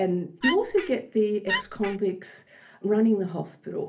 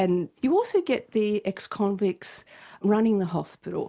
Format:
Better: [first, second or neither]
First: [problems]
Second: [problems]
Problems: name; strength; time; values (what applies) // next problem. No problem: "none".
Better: second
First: background sound (Wood); 4 dB below the speech // room echo; dies away in 0.3 s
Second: none